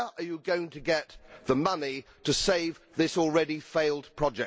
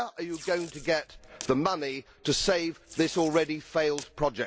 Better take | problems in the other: first | background sound (Packing tape, duct tape); 19 dB below the speech

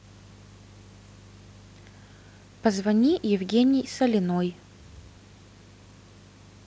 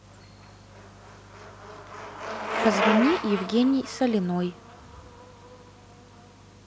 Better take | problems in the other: first | background sound (Bicycle); 5 dB below the speech

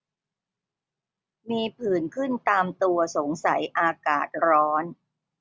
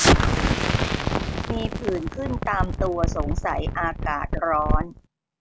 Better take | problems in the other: first | background sound (Explosion); 5 dB above the speech

